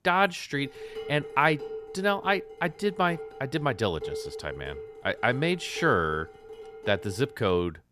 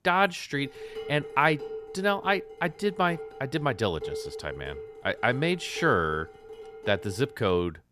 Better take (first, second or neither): neither